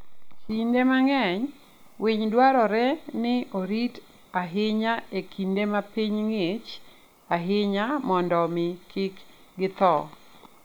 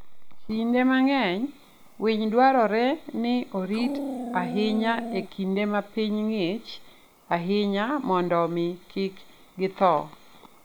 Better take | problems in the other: first | background sound (Dog); 7 dB below the speech

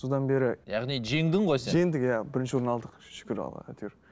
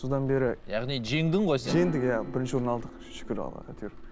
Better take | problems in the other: first | background sound (Rain + Piano); 10 dB below the speech

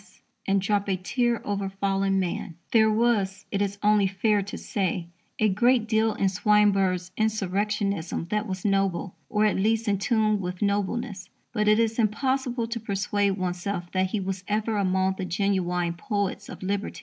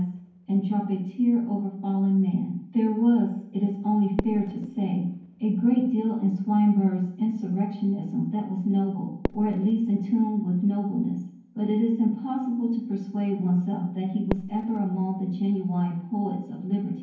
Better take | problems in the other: first | background sound (Fireworks); 17 dB below the speech // room echo; dies away in 0.9 s

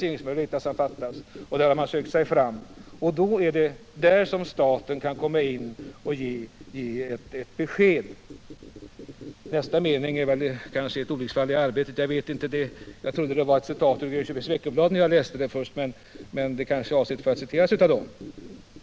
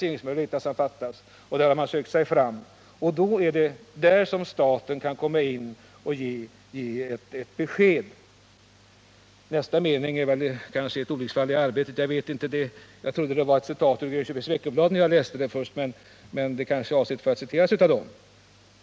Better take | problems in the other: second | background sound (Squeak); 18 dB below the speech

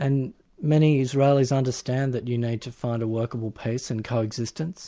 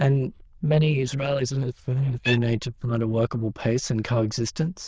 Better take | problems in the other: first | noise reduction (neural diffusion model UNIVERSE++)

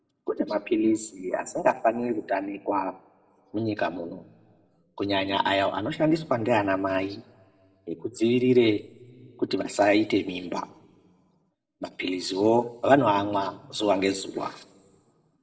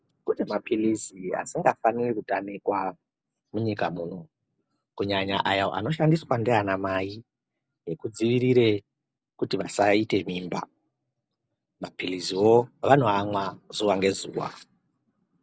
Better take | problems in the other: second | room echo; dies away in 1 s

